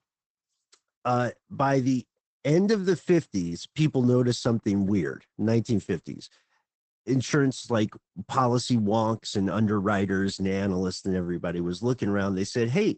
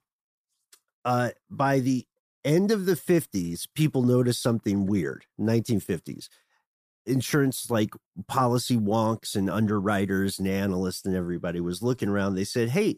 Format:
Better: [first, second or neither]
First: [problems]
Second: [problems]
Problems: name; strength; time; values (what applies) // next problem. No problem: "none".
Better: second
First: garbled, watery; badly; nothing above 8 kHz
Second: none